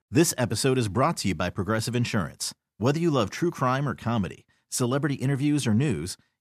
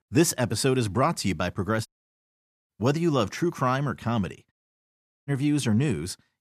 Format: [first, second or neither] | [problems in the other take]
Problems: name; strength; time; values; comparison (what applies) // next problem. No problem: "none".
first | audio cutting out; at 2 s for 1 s and at 4.5 s for 1 s